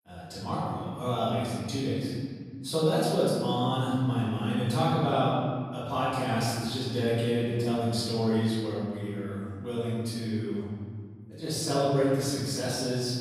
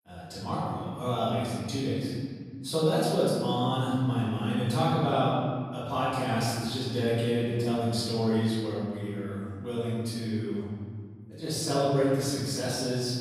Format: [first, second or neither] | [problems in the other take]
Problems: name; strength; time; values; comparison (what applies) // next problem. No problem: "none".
neither | room echo; strong; dies away in 1.9 s; the same in both // off-mic speech; far; the same in both